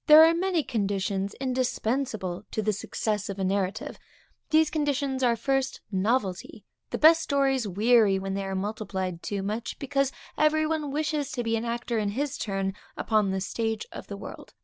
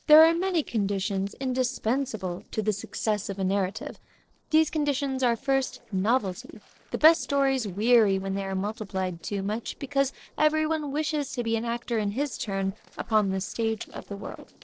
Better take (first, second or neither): first